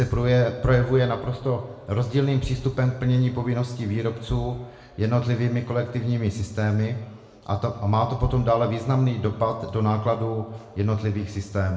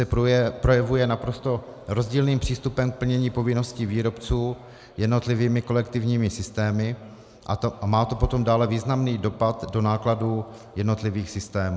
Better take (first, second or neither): second